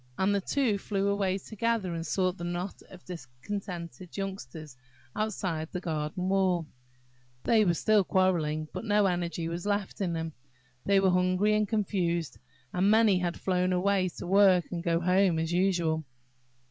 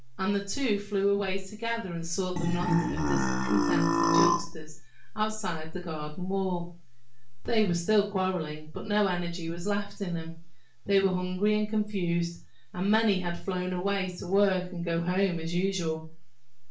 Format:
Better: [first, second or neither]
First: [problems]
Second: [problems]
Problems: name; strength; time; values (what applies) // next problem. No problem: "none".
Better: first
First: none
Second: background sound (Burping, eructation); 3 dB above the speech // room echo; dies away in 0.3 s